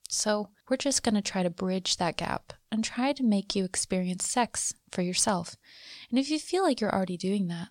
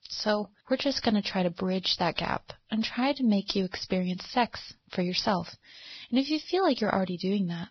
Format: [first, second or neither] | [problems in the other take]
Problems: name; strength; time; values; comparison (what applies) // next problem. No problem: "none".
first | garbled, watery; badly; nothing above 5.5 kHz